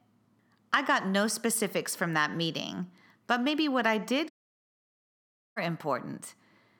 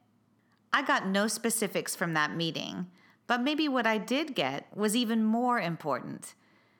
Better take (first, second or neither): second